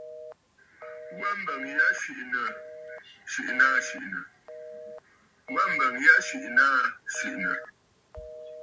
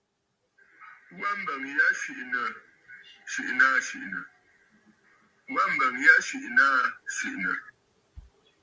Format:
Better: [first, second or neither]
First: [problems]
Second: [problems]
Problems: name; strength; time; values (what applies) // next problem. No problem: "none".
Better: second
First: background sound (Telephone); 16 dB below the speech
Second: none